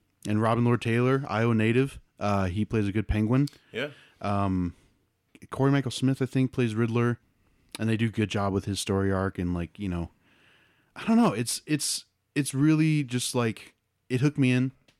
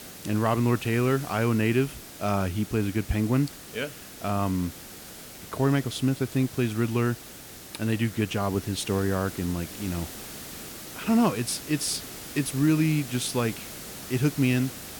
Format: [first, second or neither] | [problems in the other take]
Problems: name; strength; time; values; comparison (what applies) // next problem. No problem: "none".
first | hiss; noticeable; throughout; 15 dB below the speech